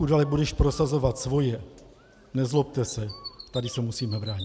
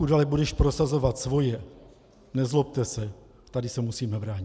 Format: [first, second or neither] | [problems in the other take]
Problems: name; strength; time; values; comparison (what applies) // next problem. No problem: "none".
second | background sound (Bird); 19 dB below the speech